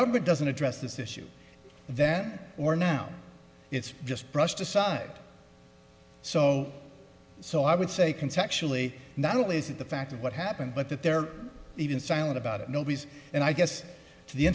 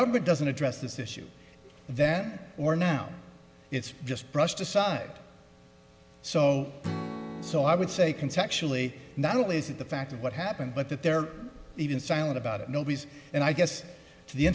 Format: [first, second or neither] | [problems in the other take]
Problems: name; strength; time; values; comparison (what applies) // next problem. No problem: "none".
first | background sound (Strum); 18 dB below the speech